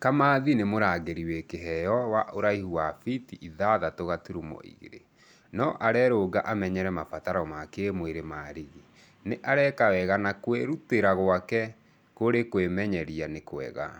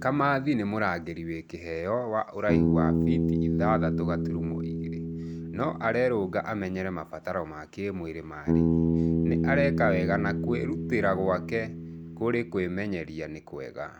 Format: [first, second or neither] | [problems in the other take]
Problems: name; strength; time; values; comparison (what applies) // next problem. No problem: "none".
first | background sound (Bass guitar); as loud as the speech